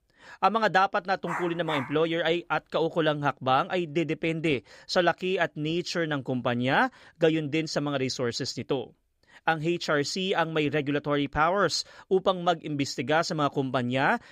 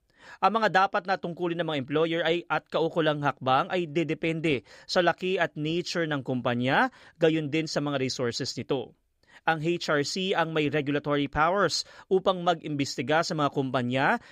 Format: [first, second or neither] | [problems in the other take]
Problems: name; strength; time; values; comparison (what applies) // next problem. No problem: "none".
second | dog barking; noticeable; at 1.5 s; peak 8 dB below the speech